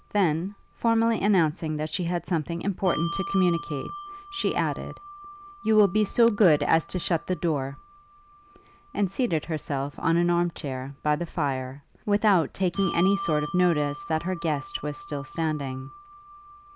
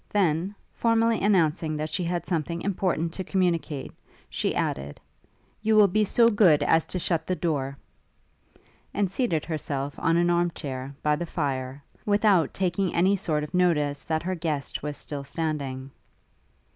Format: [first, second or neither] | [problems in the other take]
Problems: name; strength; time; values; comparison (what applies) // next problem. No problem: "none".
second | background sound (Bell); 15 dB below the speech